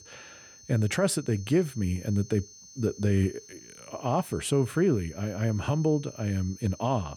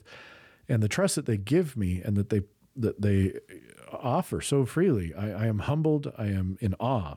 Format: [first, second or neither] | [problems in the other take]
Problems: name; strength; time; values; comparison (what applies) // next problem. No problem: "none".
second | high-pitched whine; noticeable; throughout; 6 kHz, 20 dB below the speech